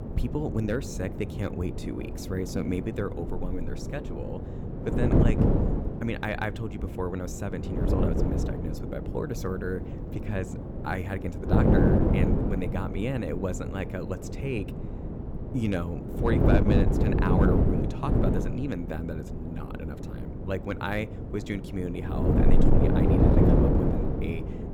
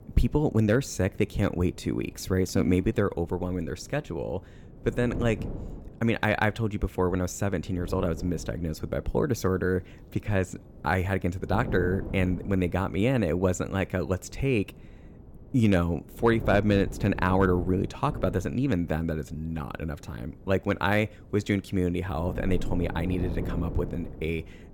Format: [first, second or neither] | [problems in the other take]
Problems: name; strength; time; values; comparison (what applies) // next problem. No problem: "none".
second | wind noise on the microphone; heavy; 1 dB above the speech; occasional gusts in the second